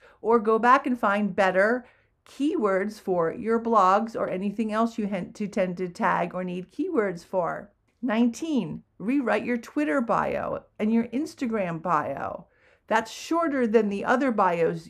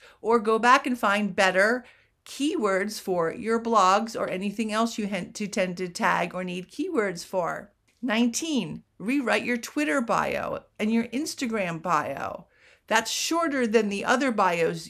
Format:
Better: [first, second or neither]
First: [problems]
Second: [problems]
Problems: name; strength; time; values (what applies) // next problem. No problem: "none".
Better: second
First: muffled; slightly; fading above 2 kHz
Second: none